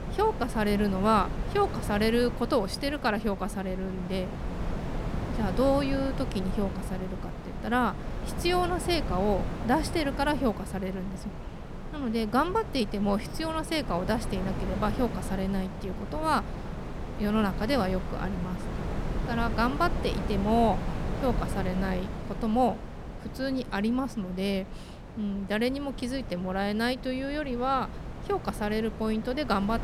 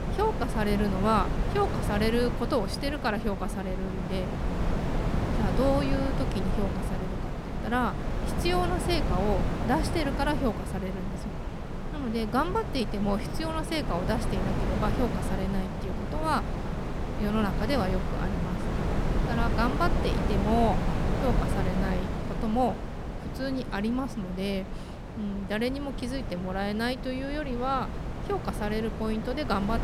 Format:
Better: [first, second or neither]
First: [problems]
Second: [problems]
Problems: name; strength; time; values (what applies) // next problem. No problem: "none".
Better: first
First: wind noise on the microphone; occasional gusts; 10 dB below the speech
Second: wind noise on the microphone; heavy; 5 dB below the speech